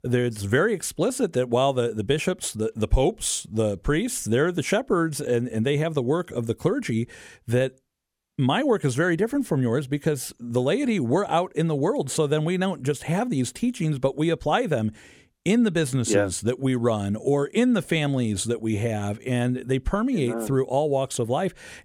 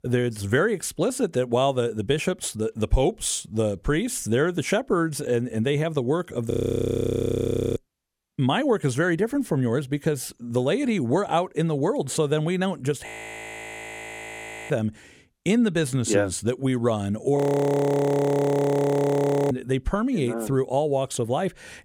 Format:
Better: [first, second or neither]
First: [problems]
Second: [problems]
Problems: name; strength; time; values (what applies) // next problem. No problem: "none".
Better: first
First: none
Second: audio freezing; at 6.5 s for 1.5 s, at 13 s for 1.5 s and at 17 s for 2 s